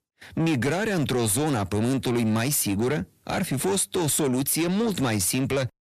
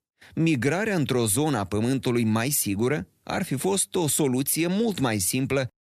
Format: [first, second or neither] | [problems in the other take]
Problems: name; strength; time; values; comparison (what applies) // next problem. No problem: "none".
second | distortion; slight; 10 dB below the speech